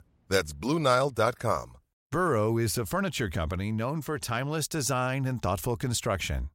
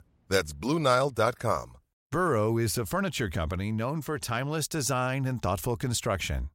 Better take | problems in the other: neither | none

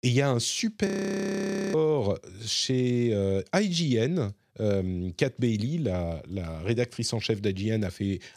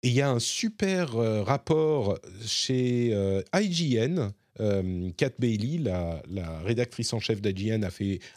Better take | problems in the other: second | audio freezing; at 1 s for 1 s

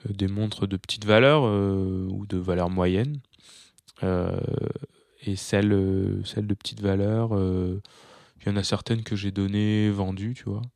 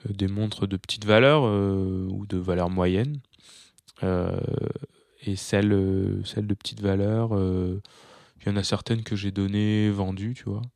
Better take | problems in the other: neither | none

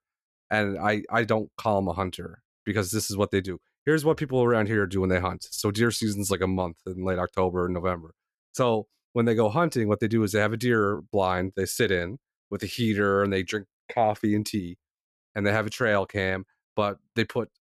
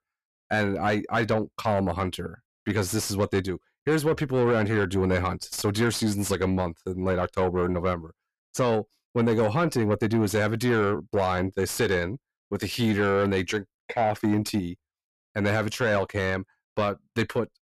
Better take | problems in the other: first | distortion; slight; 10 dB below the speech

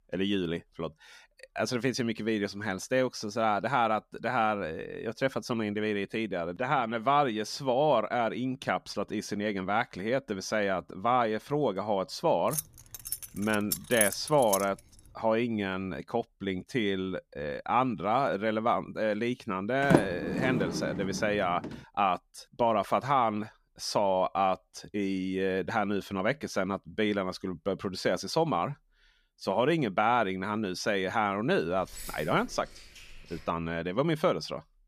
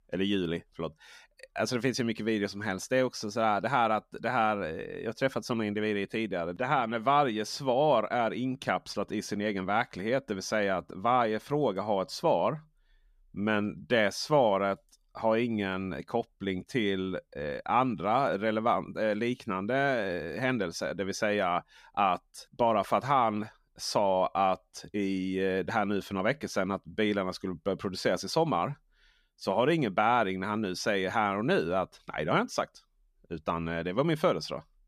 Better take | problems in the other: second | jangling keys; loud; from 13 to 15 s; peak 1 dB above the speech // door banging; loud; from 20 to 21 s; peak 4 dB above the speech // jangling keys; faint; from 32 to 33 s; peak 10 dB below the speech

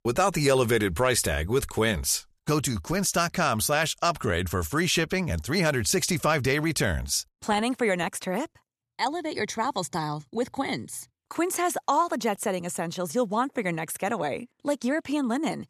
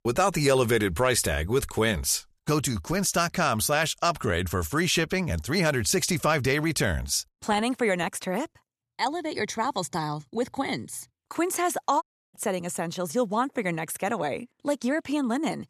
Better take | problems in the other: first | audio cutting out; at 12 s

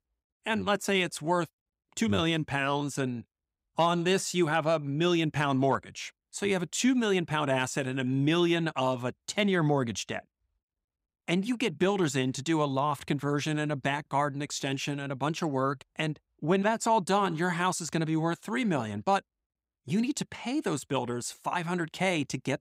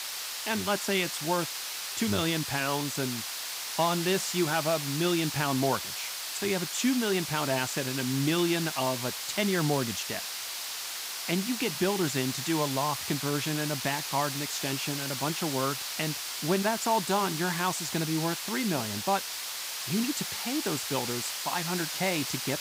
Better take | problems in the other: first | hiss; loud; throughout; 3 dB below the speech

